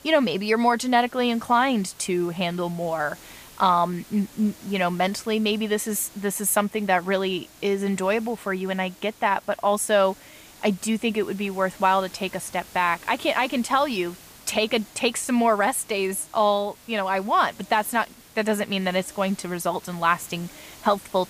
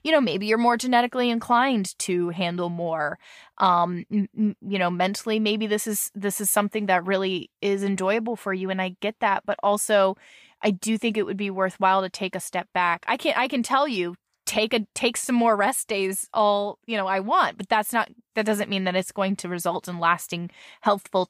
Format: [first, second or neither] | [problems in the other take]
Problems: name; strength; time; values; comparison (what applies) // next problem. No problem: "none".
second | hiss; faint; throughout; 20 dB below the speech